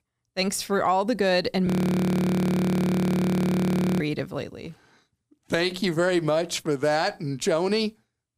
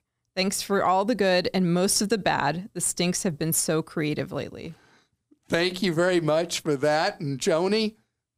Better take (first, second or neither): second